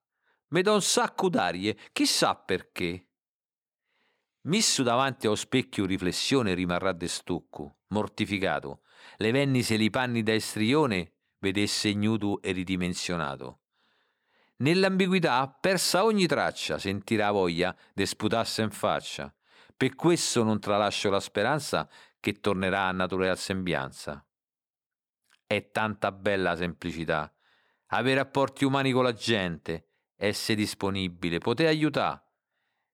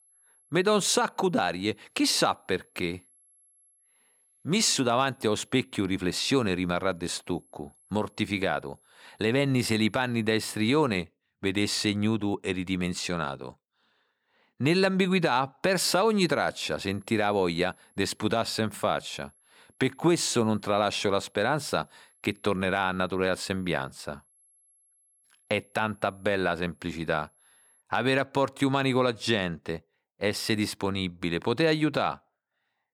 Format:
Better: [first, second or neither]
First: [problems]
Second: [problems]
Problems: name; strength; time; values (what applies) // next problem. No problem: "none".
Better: first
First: none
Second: high-pitched whine; faint; until 11 s and from 16 to 28 s; 11 kHz, 35 dB below the speech